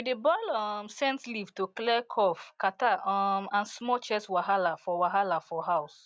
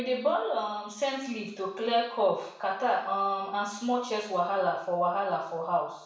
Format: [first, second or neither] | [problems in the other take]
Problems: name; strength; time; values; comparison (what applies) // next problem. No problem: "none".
first | room echo; dies away in 0.6 s